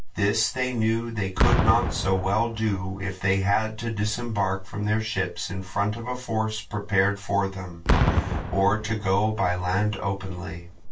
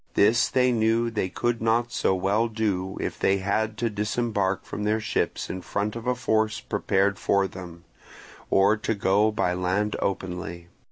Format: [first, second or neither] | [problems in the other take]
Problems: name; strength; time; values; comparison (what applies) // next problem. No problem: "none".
second | background sound (Boom); 5 dB below the speech // room echo; dies away in 0.2 s